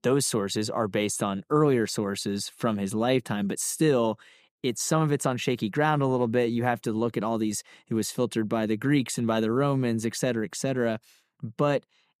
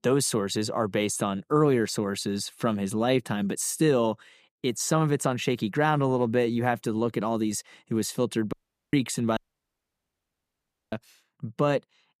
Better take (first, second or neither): first